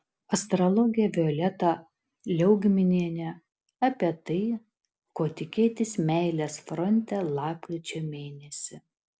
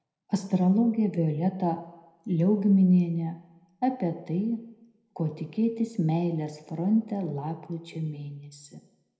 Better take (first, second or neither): first